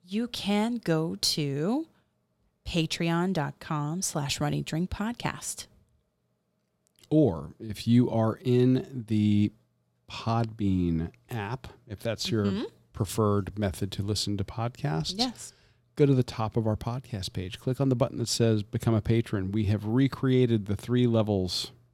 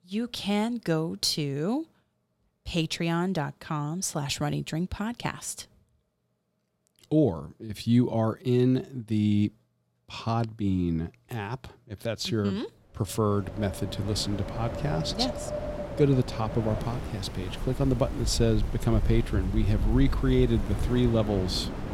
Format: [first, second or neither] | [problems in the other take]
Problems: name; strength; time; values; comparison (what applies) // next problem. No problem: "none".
first | wind in the background; loud; from 14 s on; 6 dB below the speech